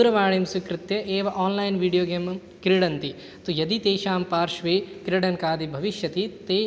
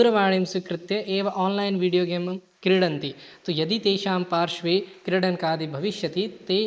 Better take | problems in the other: first | noise reduction (neural mask model Resemble Enhance denoiser)

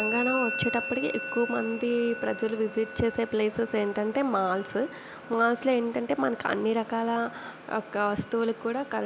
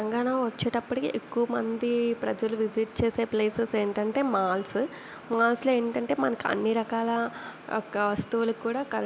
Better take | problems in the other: second | background sound (Musical instrument); 11 dB below the speech

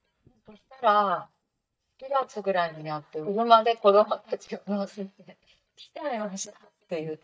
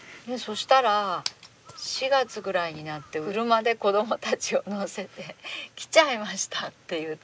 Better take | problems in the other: second | noise reduction (neural mask model DeepFilterNet 3)

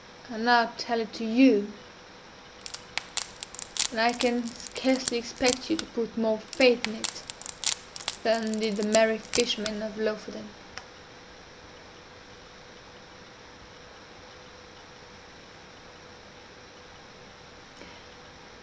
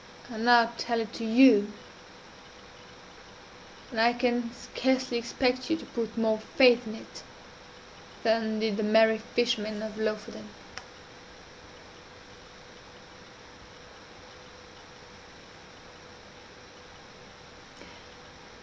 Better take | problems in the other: second | background sound (Wood); 6 dB below the speech

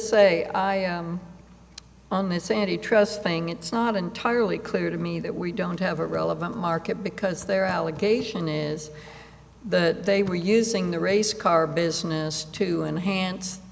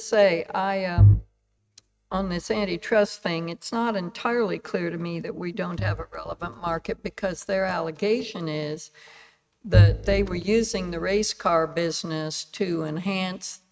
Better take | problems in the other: first | noise reduction (neural mask model RNNoise)

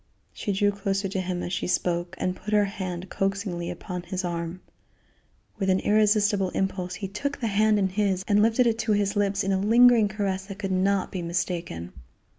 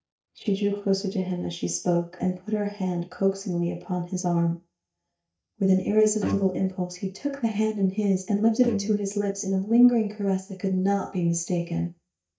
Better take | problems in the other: first | noise reduction (neural mask model DeepFilterNet 3)

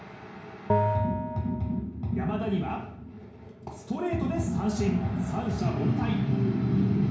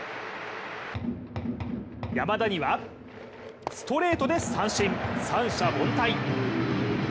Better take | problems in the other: second | background sound (Bell); 3 dB below the speech // room echo; dies away in 0.6 s

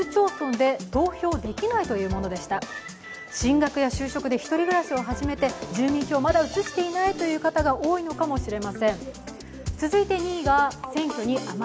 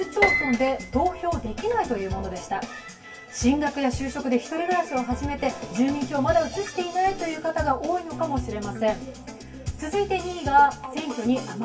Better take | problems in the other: first | background sound (Piano); 5 dB below the speech // room echo; dies away in 0.2 s

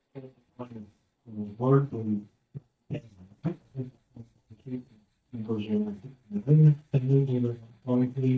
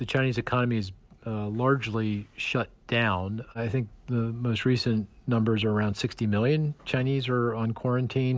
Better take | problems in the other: second | noise reduction (neural mask model DeepFilterNet 3)

